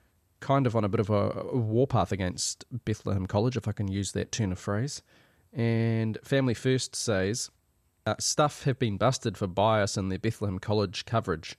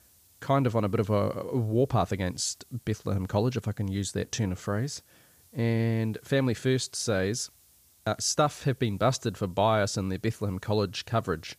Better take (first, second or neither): first